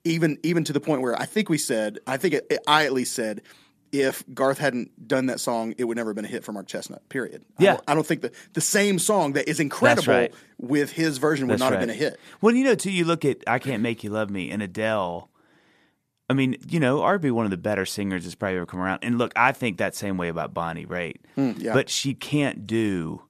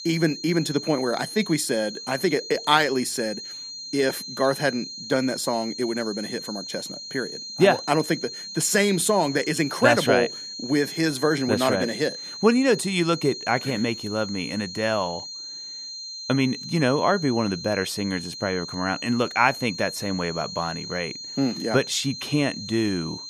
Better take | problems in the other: first | high-pitched whine; loud; throughout; 4 kHz, 10 dB below the speech

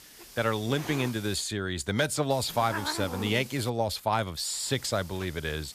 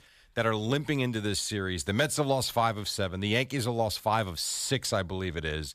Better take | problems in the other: second | hiss; noticeable; until 1.5 s, from 2.5 to 3.5 s and from 4.5 s on; 10 dB below the speech

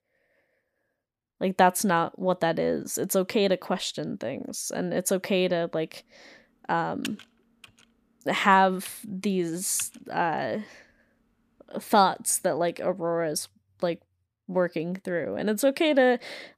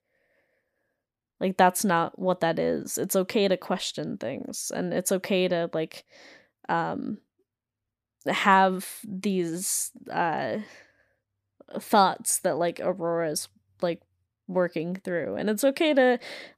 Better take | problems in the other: second | keyboard typing; faint; from 7 to 10 s; peak 15 dB below the speech

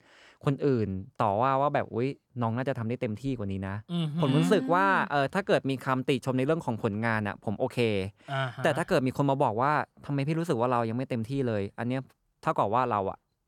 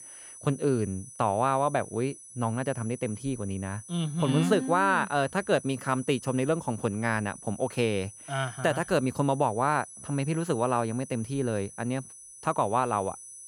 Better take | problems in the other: first | high-pitched whine; noticeable; throughout; 10.5 kHz, 15 dB below the speech

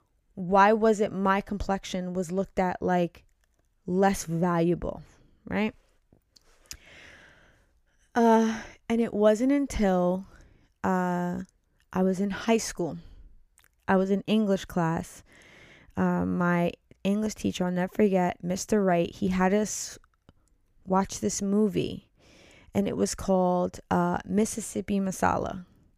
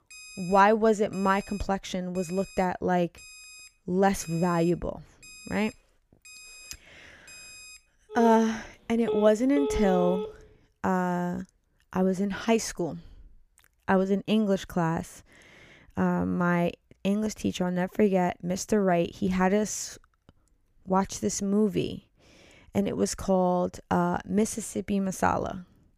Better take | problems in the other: first | alarms or sirens; noticeable; until 10 s; 10 dB below the speech

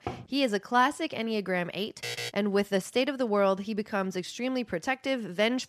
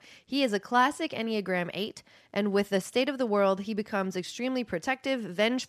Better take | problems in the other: second | door banging; faint; at the start; peak 10 dB below the speech // alarm; noticeable; at 2 s; peak 5 dB below the speech

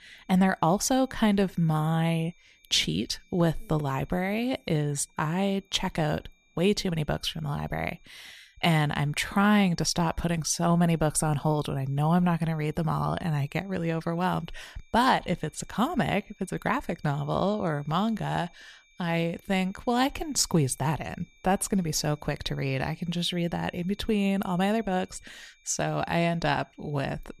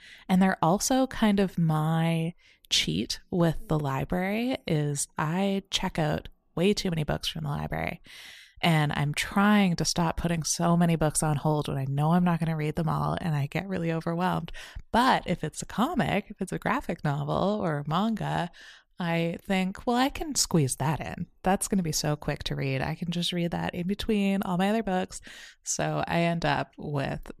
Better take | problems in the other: second | high-pitched whine; faint; throughout; 2.5 kHz, 35 dB below the speech

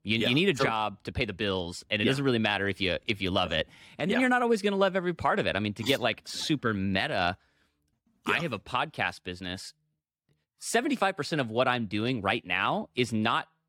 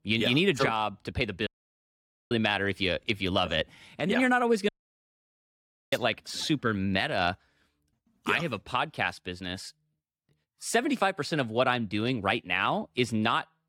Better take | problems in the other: first | audio cutting out; at 1.5 s for 1 s and at 4.5 s for 1 s

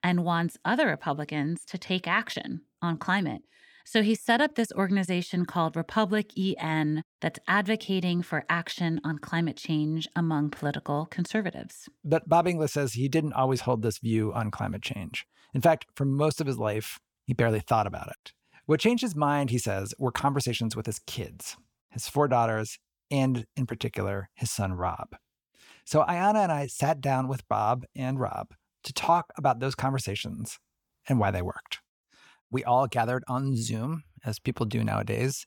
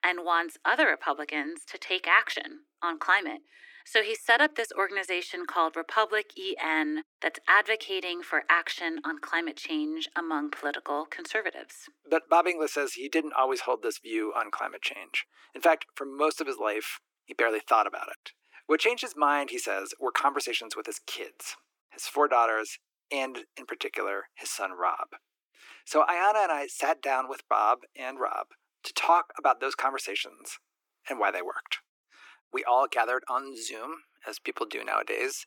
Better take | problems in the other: first | thin; very; fading below 300 Hz

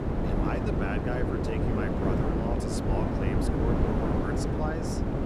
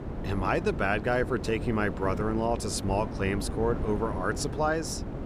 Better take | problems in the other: second | wind noise on the microphone; heavy; 4 dB above the speech; occasional gusts in the second

